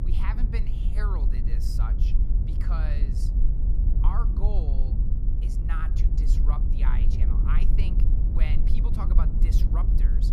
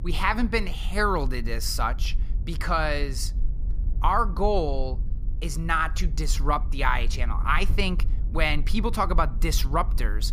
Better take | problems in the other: second | low rumble; loud; throughout; 3 dB below the speech; faint in the second

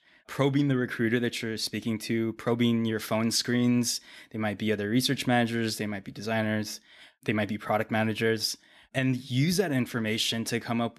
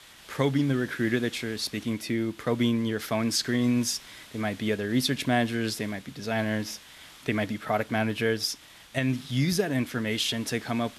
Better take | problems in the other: first | hiss; faint; throughout; 20 dB below the speech

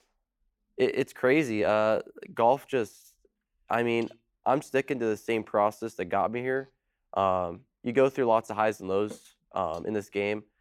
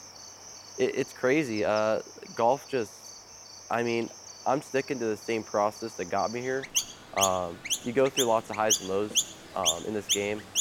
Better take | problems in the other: first | animal sounds; loud; throughout; 1 dB below the speech

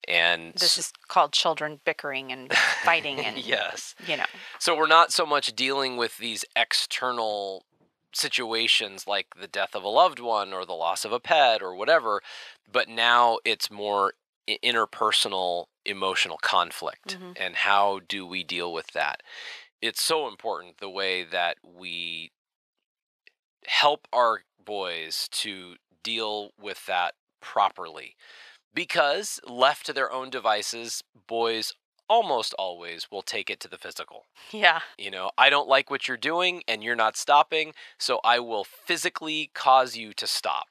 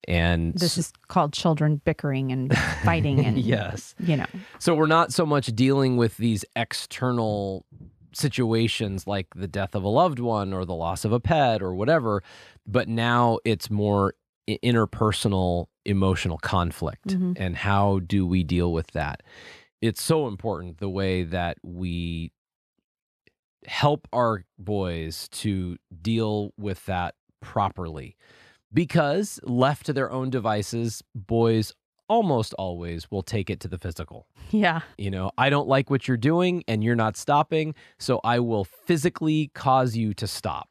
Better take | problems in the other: second | thin; very; fading below 700 Hz

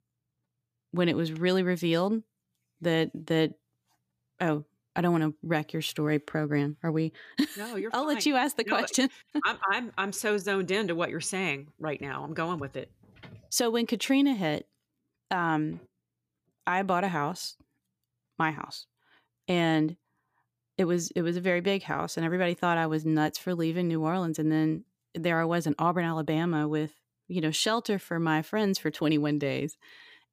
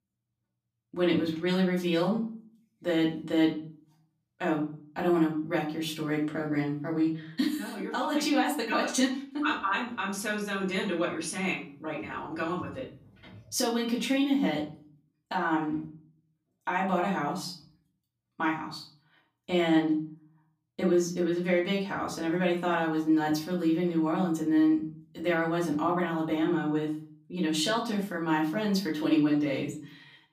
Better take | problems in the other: first | off-mic speech; far // room echo; slight; dies away in 0.4 s

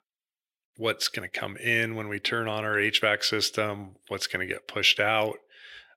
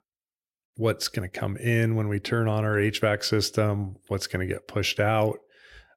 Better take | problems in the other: second | thin; somewhat; fading below 850 Hz

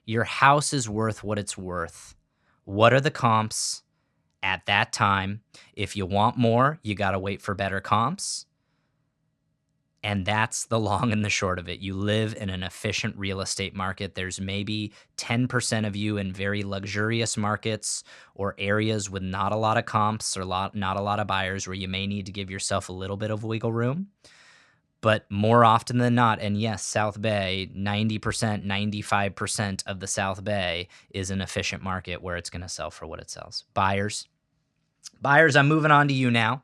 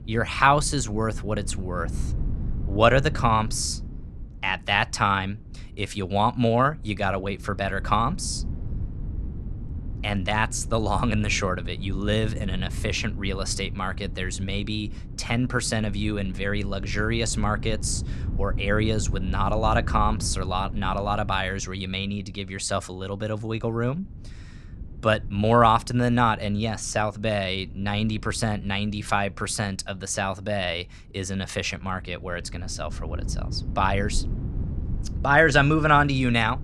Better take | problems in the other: first | wind noise on the microphone; occasional gusts; 20 dB below the speech

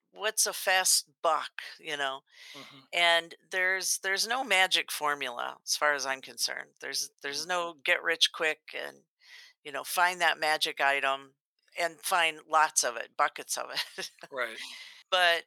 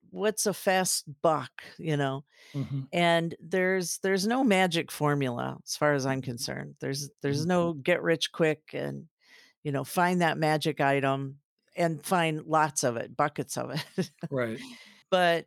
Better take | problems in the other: second | thin; very; fading below 900 Hz

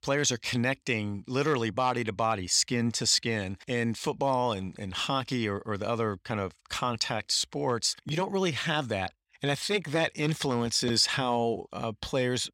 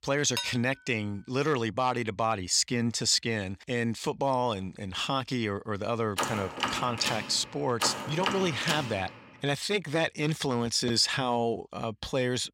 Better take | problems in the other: first | clattering dishes; noticeable; at 0.5 s; peak 5 dB below the speech // door banging; noticeable; from 6 to 9 s; peak 3 dB below the speech

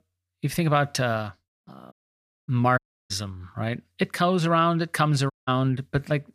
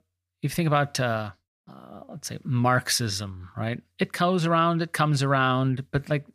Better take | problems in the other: second | audio cutting out; at 2 s for 0.5 s, at 3 s and at 5.5 s

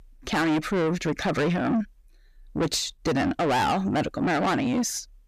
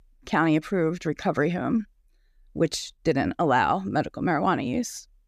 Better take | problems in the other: second | distortion; heavy; 6 dB below the speech

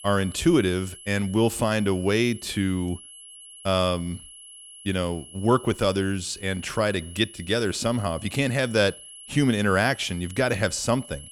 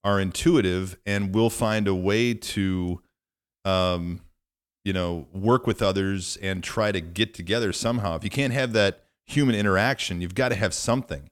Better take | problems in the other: second | high-pitched whine; noticeable; throughout; 11 kHz, 15 dB below the speech

